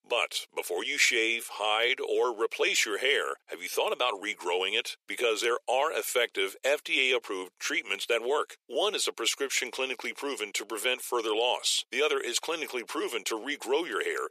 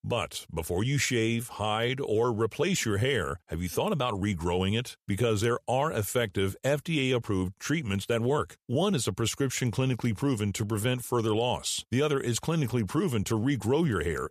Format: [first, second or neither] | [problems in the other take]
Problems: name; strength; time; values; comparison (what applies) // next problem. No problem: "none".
second | thin; very; fading below 400 Hz